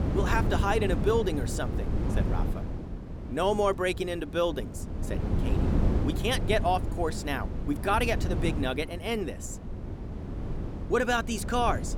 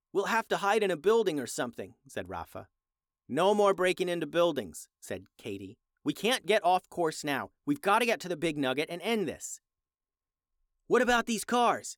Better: second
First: wind noise on the microphone; occasional gusts; 10 dB below the speech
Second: none

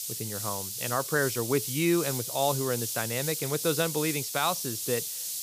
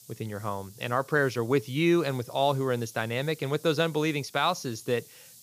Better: second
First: hiss; loud; throughout; 2 dB below the speech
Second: hiss; faint; throughout; 20 dB below the speech

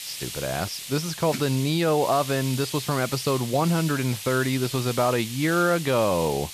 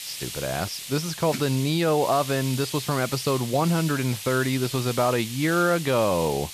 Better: neither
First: hiss; loud; throughout; 10 dB below the speech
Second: hiss; loud; throughout; 10 dB below the speech

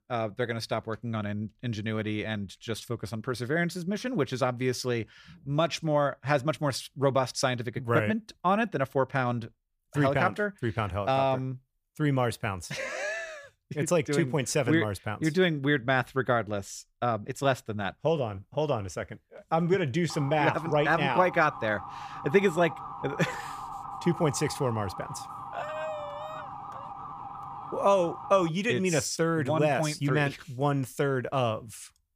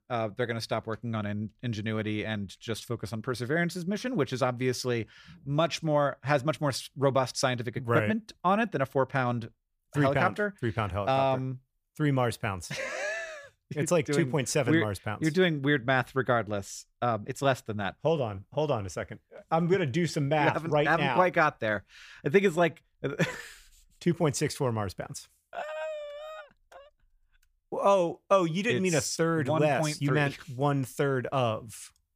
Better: second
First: siren; faint; from 20 to 28 s; peak 10 dB below the speech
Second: none

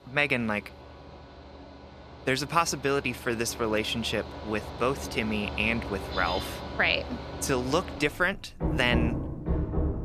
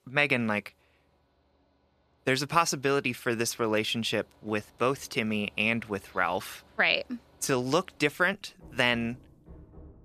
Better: second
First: machinery noise; loud; throughout; 7 dB below the speech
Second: machinery noise; faint; throughout; 30 dB below the speech

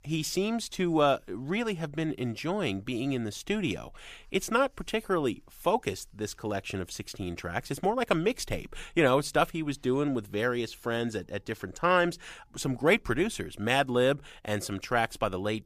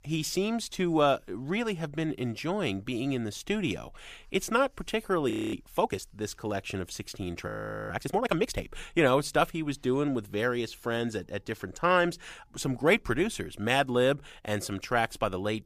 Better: first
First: none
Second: audio freezing; at 5.5 s and at 7.5 s

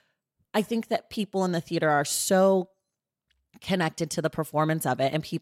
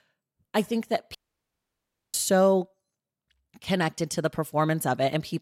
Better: first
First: none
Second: audio cutting out; at 1 s for 1 s

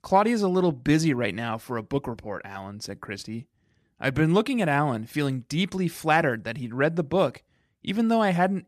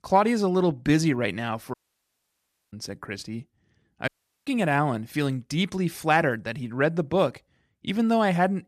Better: first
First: none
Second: audio cutting out; at 1.5 s for 1 s and at 4 s

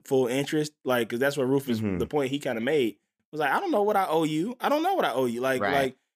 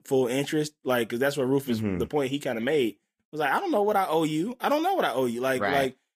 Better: first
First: none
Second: garbled, watery; slightly; nothing above 15 kHz

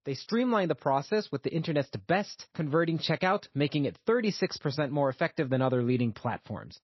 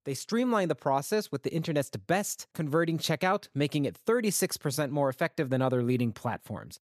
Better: second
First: garbled, watery; slightly; nothing above 5.5 kHz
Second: none

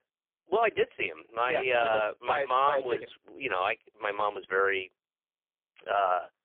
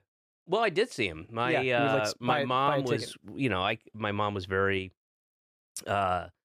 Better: second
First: phone-call audio; poor line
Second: none

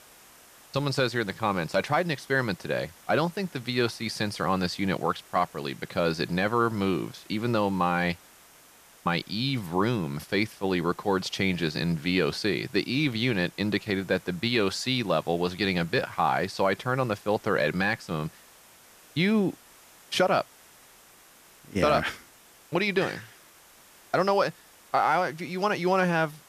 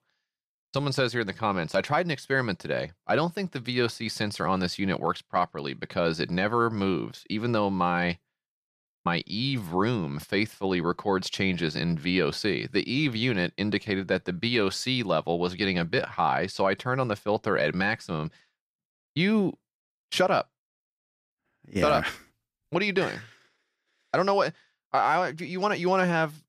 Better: second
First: hiss; faint; throughout; 25 dB below the speech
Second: none

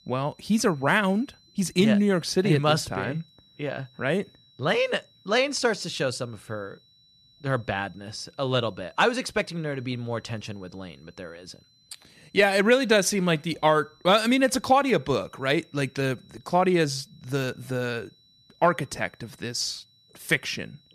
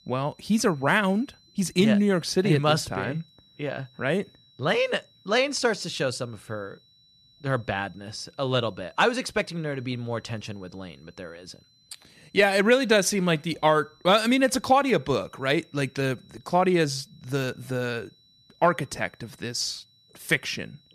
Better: neither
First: high-pitched whine; faint; throughout; 4 kHz, 30 dB below the speech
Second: high-pitched whine; faint; throughout; 4 kHz, 30 dB below the speech

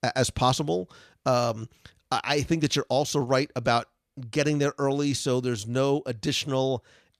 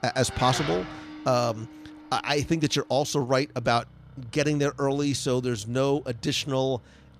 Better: first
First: none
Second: traffic noise; noticeable; throughout; 15 dB below the speech

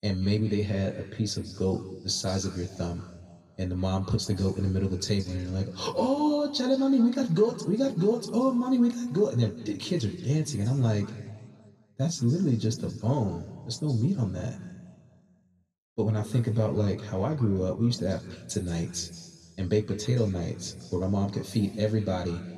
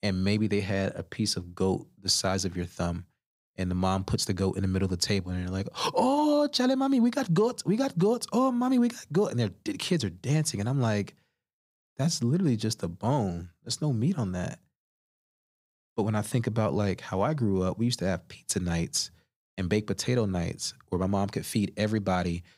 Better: second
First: room echo; slight; dies away in 1.6 s // off-mic speech; somewhat distant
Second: none

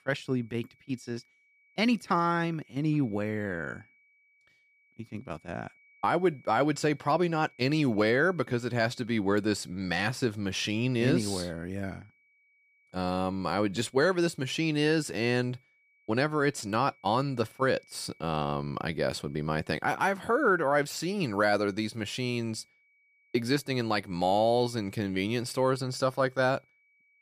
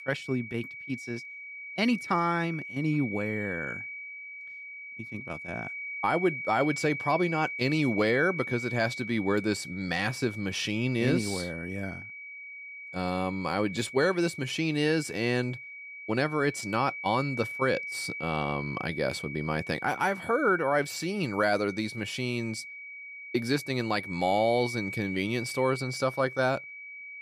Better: first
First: high-pitched whine; faint; throughout; 2.5 kHz, 35 dB below the speech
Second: high-pitched whine; loud; throughout; 2.5 kHz, 9 dB below the speech

